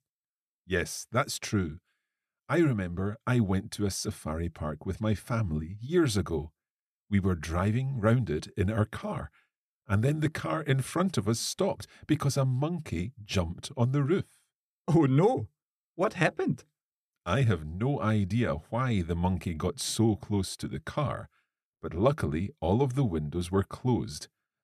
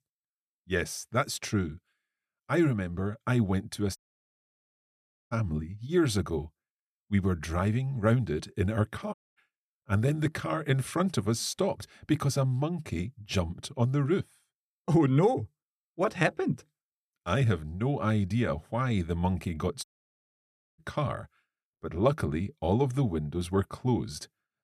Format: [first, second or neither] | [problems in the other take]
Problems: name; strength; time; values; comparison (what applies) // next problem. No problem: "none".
first | audio cutting out; at 4 s for 1.5 s, at 9 s and at 20 s for 1 s